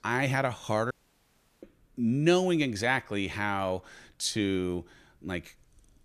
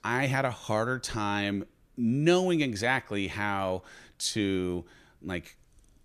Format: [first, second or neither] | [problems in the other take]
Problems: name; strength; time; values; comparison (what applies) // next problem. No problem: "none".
second | audio cutting out; at 1 s for 0.5 s